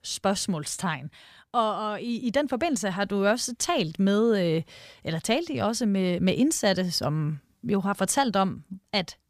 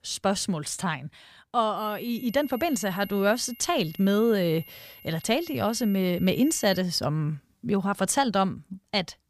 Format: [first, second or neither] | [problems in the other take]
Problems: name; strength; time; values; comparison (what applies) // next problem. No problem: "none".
first | high-pitched whine; noticeable; from 2 to 7 s; 12 kHz, 20 dB below the speech